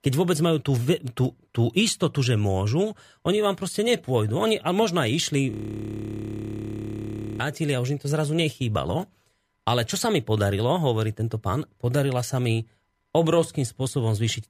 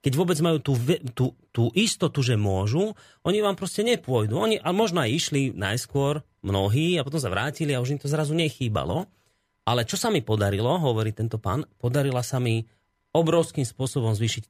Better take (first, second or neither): second